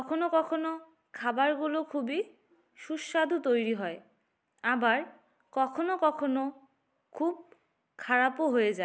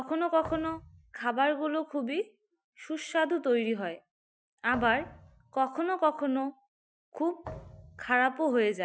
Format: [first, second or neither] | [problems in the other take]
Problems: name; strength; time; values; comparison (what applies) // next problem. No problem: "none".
first | noise reduction (classical method Wiener filter)